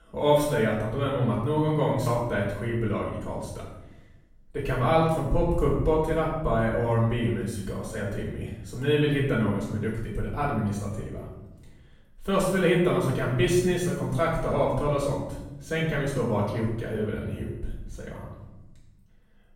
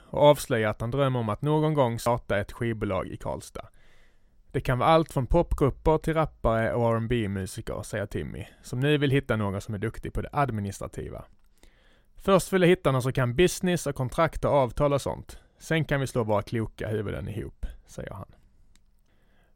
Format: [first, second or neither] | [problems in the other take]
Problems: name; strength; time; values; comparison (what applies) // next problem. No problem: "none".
second | off-mic speech; far // room echo; noticeable; dies away in 0.9 s